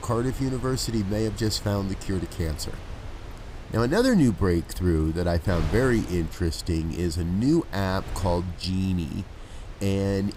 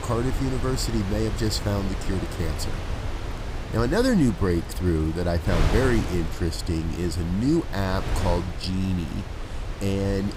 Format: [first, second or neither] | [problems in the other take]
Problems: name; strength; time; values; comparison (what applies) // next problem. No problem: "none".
first | wind noise on the microphone; heavy; 7 dB below the speech; occasional gusts in the first